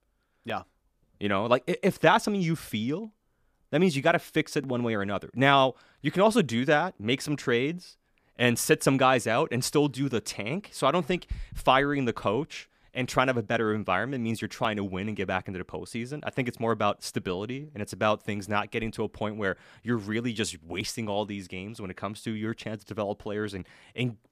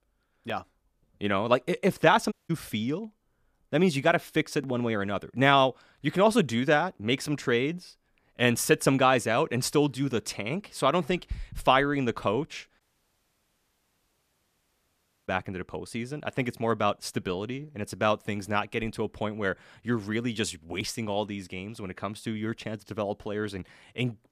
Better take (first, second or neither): first